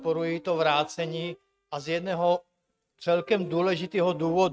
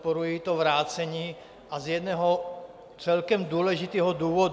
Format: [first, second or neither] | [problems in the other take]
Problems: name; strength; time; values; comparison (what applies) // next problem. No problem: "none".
second | noise reduction (neural mask model RNNoise)